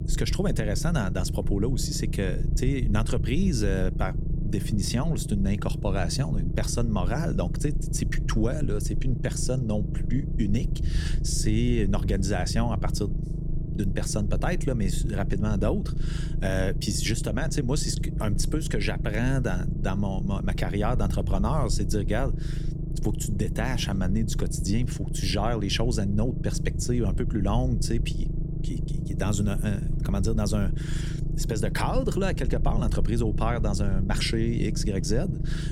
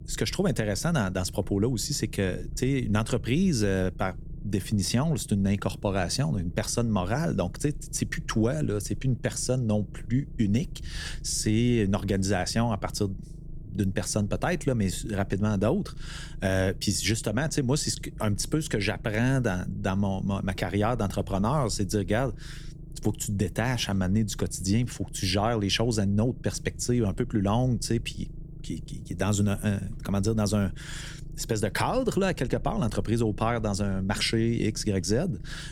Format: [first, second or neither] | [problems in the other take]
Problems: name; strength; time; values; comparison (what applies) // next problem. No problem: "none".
second | low rumble; loud; throughout; 10 dB below the speech; faint in the second